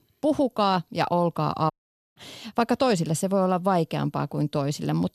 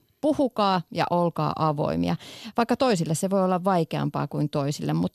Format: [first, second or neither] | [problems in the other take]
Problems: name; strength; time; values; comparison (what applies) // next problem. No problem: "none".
second | audio cutting out; at 1.5 s